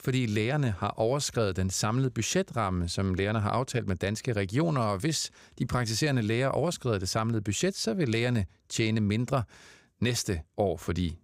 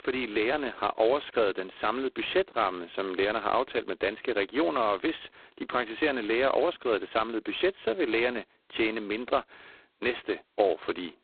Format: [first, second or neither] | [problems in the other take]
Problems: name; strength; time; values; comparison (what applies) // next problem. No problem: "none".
first | phone-call audio; poor line; nothing above 4 kHz